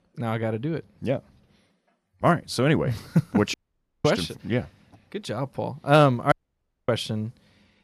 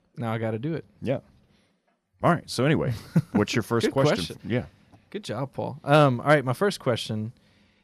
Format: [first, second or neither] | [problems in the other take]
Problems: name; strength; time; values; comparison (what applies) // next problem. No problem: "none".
second | audio cutting out; at 3.5 s for 0.5 s and at 6.5 s for 0.5 s